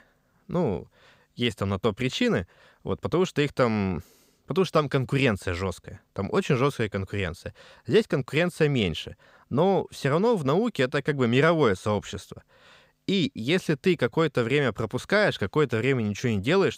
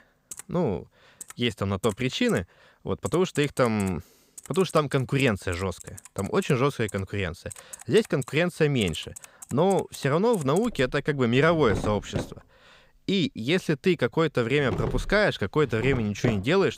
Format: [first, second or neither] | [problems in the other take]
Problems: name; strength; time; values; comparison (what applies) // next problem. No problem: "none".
first | household noises; noticeable; throughout; 15 dB below the speech